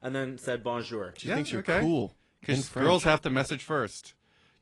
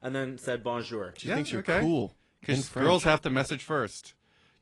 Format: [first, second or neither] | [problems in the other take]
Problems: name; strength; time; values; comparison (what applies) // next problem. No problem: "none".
neither | garbled, watery; slightly; nothing above 10 kHz; the same in both